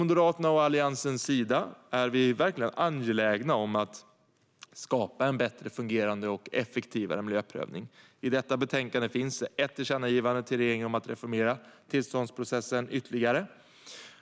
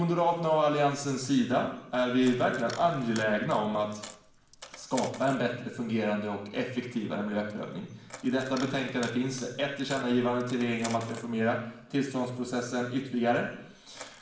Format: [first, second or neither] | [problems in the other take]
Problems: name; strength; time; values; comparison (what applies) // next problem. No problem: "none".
first | background sound (Coin (dropping)); 20 dB below the speech // room echo; dies away in 0.7 s